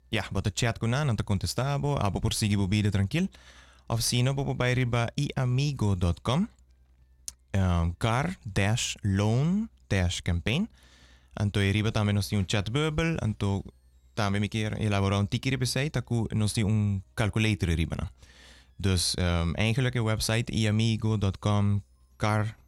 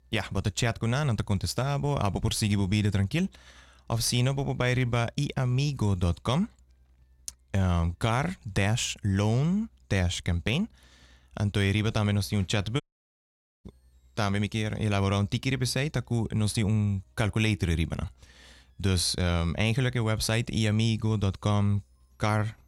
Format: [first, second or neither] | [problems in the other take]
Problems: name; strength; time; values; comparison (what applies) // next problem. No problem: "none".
first | audio cutting out; at 13 s for 1 s